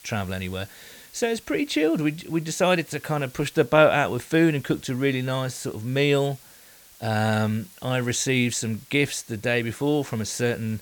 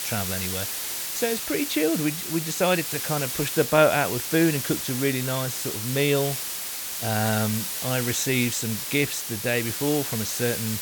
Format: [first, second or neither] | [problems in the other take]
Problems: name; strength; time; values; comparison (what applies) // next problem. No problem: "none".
first | hiss; loud; throughout; 3 dB below the speech; faint in the first